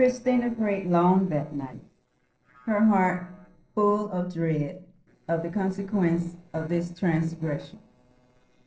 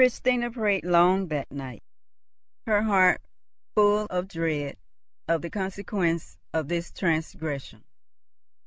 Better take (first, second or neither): second